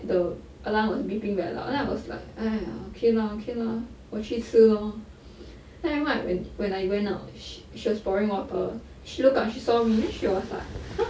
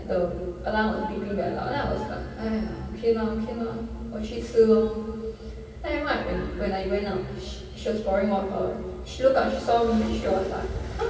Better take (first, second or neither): first